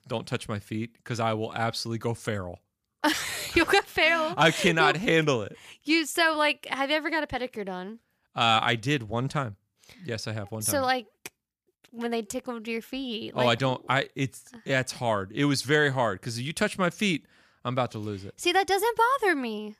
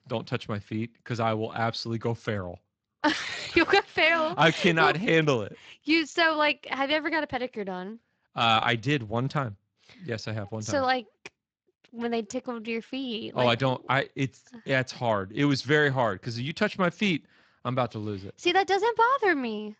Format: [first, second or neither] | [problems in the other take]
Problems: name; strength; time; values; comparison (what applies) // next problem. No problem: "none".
first | garbled, watery; slightly; nothing above 7.5 kHz